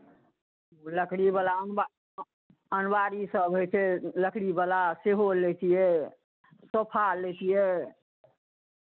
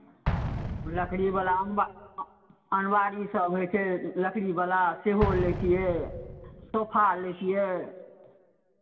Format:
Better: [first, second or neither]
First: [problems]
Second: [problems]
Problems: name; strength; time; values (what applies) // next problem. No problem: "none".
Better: first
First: none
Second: background sound (Explosion); 9 dB below the speech // room echo; dies away in 1.3 s